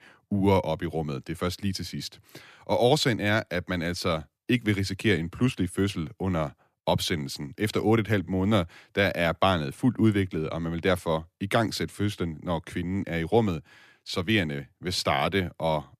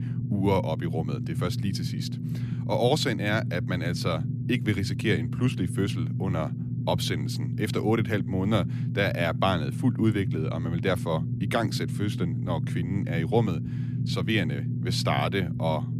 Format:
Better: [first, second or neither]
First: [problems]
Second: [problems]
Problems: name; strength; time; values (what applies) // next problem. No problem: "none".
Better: first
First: none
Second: low rumble; noticeable; throughout; 10 dB below the speech